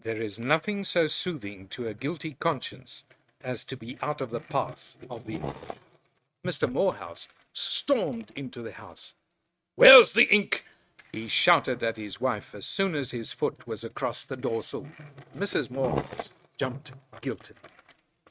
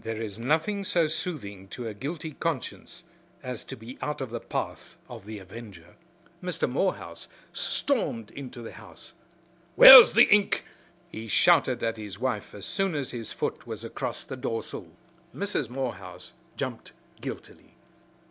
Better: second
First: noise reduction (neural mask model RNNoise)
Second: none

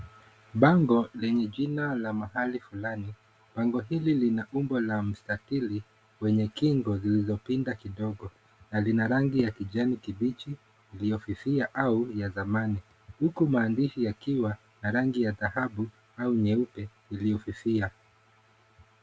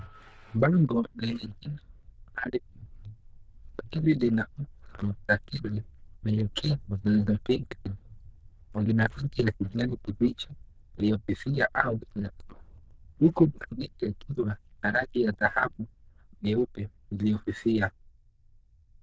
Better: first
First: none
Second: noise reduction (neural diffusion model UNIVERSE++)

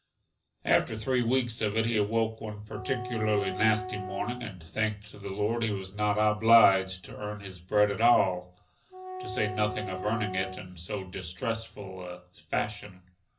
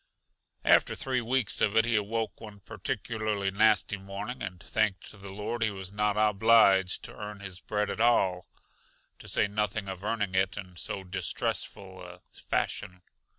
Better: second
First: background sound (Wind instrument, woodwind instrument); 10 dB below the speech // room echo; dies away in 0.4 s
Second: none

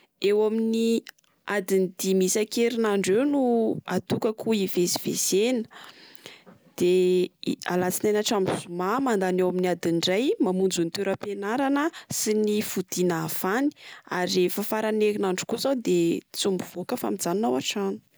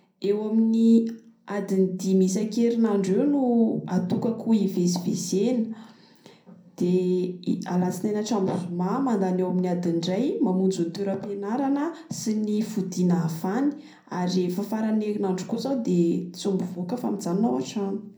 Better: first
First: none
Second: room echo; dies away in 0.6 s

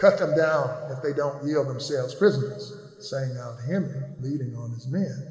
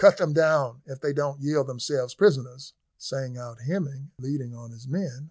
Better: second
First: room echo; dies away in 2.1 s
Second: none

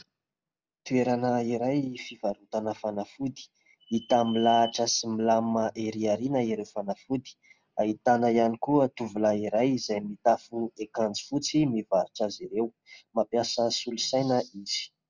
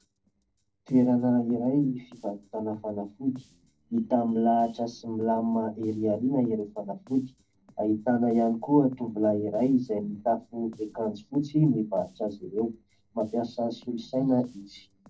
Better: first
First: none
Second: noise reduction (neural separator model SepFormer DNS4)

